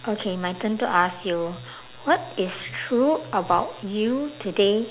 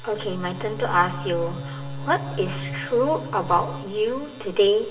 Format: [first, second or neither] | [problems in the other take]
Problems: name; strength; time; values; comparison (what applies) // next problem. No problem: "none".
first | background sound (Bowed string instrument); 11 dB below the speech // room echo; dies away in 2.8 s